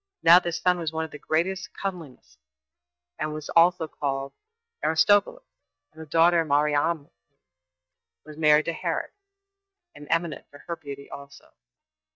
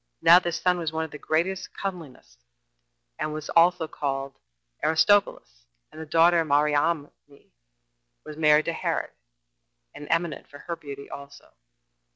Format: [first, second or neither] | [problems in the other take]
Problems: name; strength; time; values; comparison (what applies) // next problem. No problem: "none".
second | noise reduction (neural mask model DeepFilterNet 3)